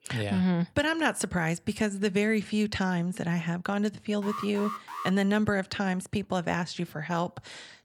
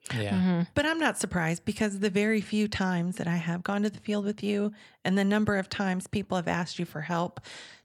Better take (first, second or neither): second